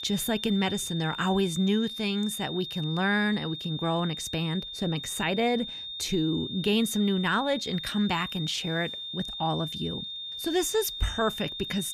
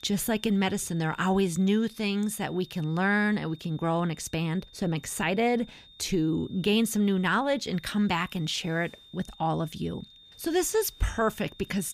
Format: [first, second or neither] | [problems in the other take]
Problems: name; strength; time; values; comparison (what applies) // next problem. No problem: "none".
second | high-pitched whine; loud; throughout; 3.5 kHz, 6 dB below the speech; faint in the second